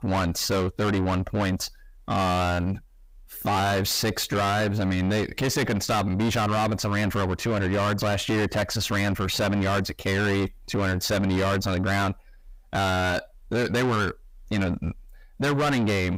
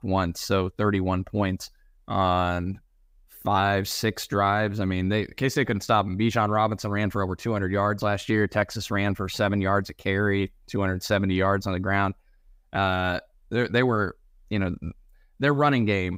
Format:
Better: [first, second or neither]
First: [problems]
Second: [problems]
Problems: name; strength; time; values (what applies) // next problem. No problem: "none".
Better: second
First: distortion; heavy; 6 dB below the speech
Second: none